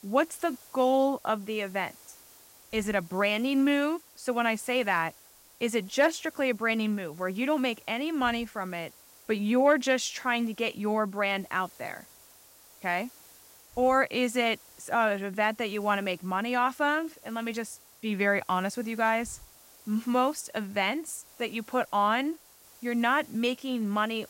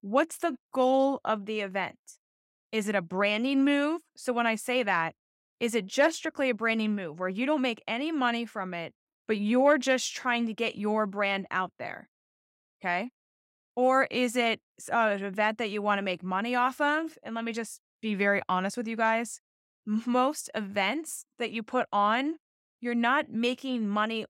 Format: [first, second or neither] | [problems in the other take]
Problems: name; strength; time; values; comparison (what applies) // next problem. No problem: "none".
second | hiss; faint; throughout; 25 dB below the speech